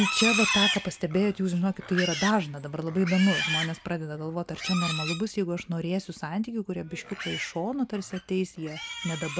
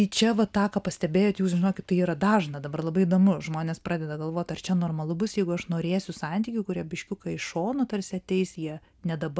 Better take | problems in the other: second | background sound (Livestock, farm animals, working animals); 5 dB below the speech

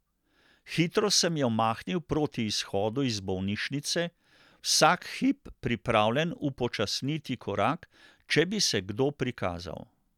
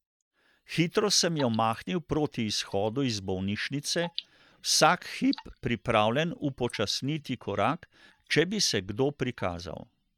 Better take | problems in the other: first | noise reduction (neural mask model DeepFilterNet 3)

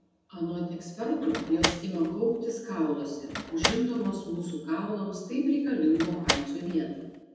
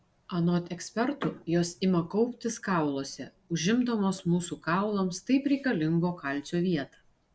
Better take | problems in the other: second | background sound (Slam); 5 dB below the speech // room echo; dies away in 1.1 s

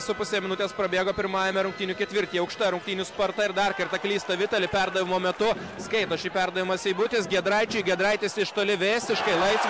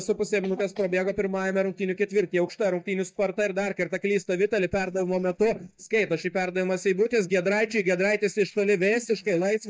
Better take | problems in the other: first | noise reduction (neural mask model DeepFilterNet 3)

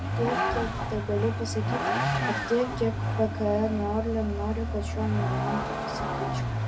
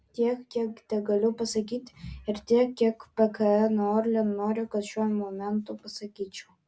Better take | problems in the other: second | background sound (Vehicle); 2 dB above the speech

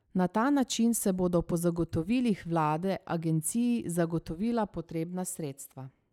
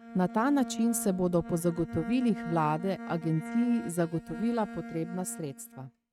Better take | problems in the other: first | noise reduction (neural mask model RNNoise)

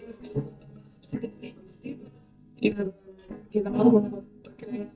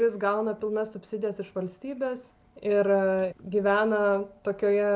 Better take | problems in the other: second | noise reduction (neural mask model DeepFilterNet 3)

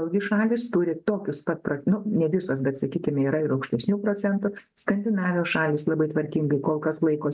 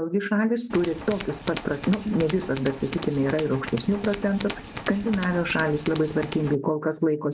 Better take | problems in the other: first | background sound (Tools); 11 dB below the speech

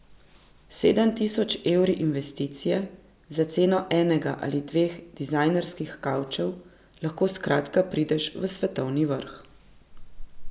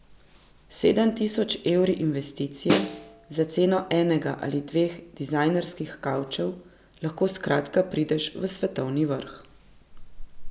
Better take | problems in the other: first | background sound (Snare drum); 6 dB below the speech

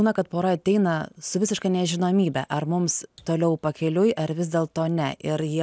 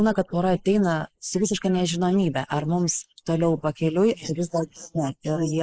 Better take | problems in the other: first | noise reduction (neural mask model Resemble Enhance denoiser)

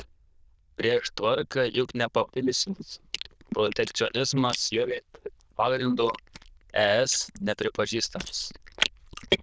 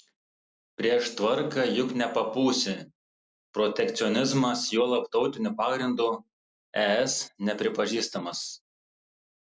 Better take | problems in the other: second | noise reduction (neural diffusion model UNIVERSE++)

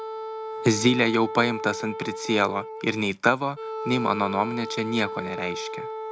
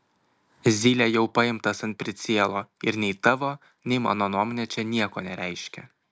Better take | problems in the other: second | background sound (Wind instrument, woodwind instrument); 8 dB below the speech

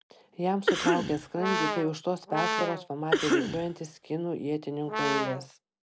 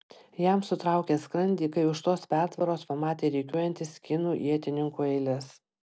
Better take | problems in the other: second | background sound (Cough + Brass instrument); 1 dB above the speech

